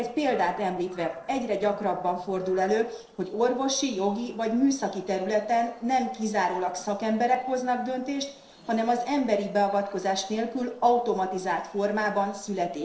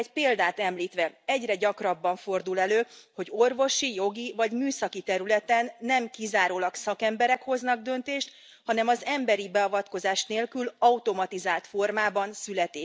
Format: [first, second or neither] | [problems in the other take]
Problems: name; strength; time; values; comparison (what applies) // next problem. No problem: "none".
second | noise reduction (neural separator model SepFormer DNS4)